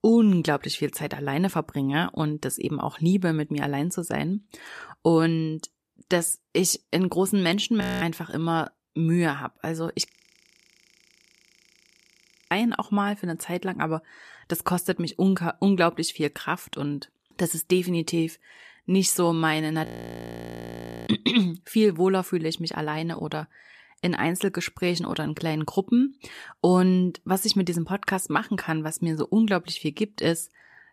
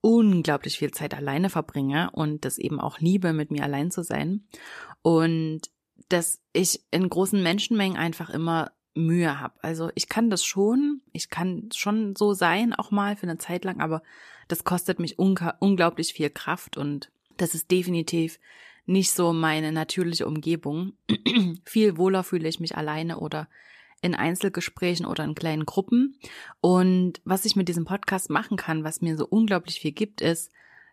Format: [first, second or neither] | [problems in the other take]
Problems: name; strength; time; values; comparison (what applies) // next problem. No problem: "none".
second | audio freezing; at 8 s, at 10 s for 2.5 s and at 20 s for 1 s